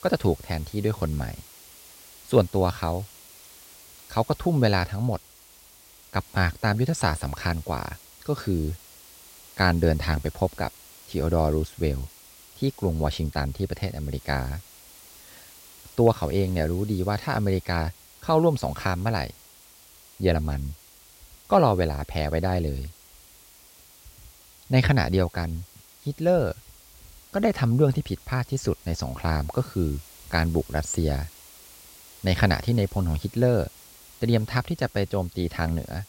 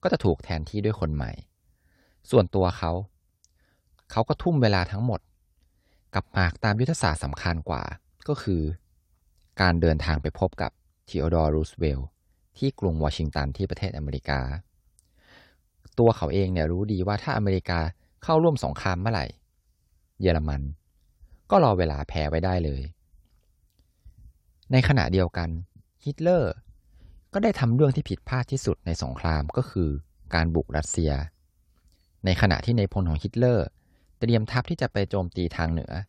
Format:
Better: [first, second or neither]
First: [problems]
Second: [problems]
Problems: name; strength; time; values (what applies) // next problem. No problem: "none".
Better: second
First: hiss; faint; throughout; 20 dB below the speech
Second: none